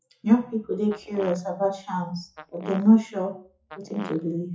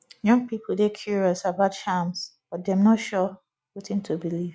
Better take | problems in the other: second | noise reduction (classical method WPE with log-MMSE)

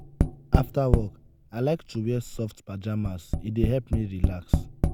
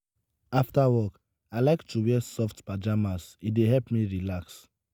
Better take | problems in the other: second | background sound (Tap); 2 dB above the speech

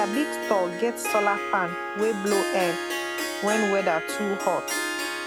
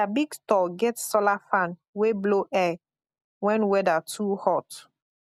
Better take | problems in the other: second | background sound (Harp); 3 dB below the speech

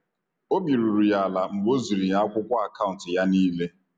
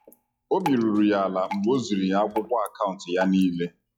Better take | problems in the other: first | noise reduction (classical method log-MMSE)

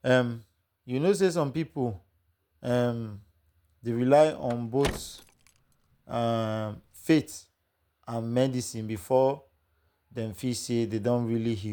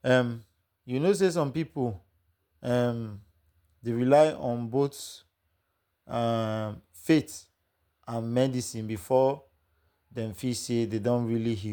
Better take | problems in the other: second | background sound (Car); 14 dB below the speech

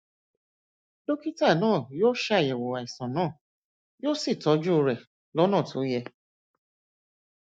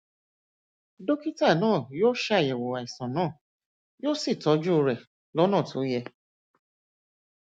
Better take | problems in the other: second | noise reduction (neural mask model DeepFilterNet 3)

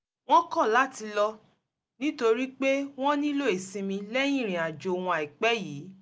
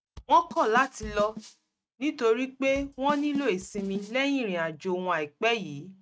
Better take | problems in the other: first | noise reduction (neural mask model RNNoise)

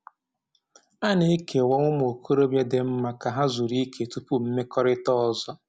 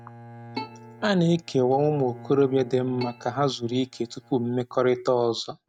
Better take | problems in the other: first | noise reduction (neural mask model RNNoise)

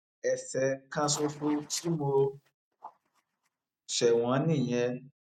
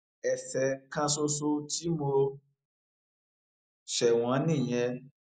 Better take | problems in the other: second | noise reduction (neural mask model RNNoise)

